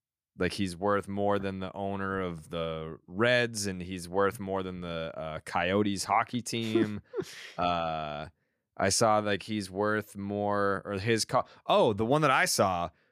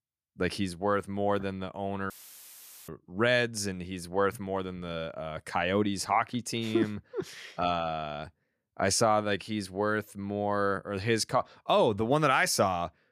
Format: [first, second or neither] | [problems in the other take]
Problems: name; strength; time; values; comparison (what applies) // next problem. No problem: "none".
first | audio cutting out; filled with static; at 2 s for 1 s